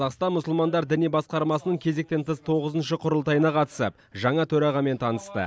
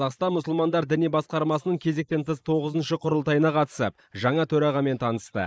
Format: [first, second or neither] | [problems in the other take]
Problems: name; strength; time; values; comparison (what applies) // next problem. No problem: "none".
first | noise reduction (neural mask model Resemble Enhance denoiser)